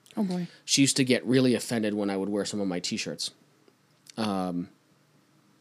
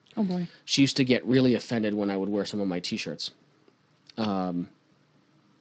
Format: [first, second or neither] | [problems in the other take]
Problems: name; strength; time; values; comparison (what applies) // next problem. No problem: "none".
first | garbled, watery; slightly; nothing above 7.5 kHz